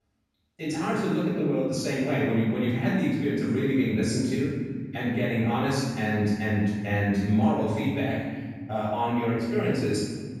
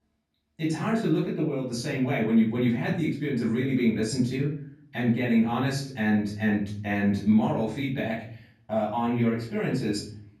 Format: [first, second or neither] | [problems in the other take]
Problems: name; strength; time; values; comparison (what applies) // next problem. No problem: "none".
second | room echo; strong; dies away in 1.7 s; slight in the second // off-mic speech; far; far in the second